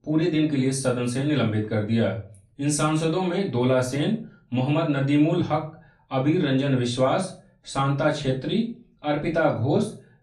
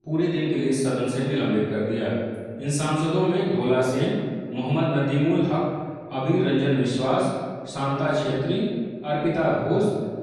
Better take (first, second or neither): first